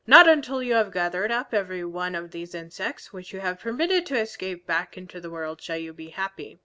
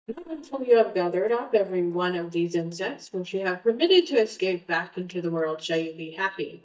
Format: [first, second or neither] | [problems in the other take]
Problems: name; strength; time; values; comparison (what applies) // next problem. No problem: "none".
first | noise reduction (neural mask model DeepFilterNet 3)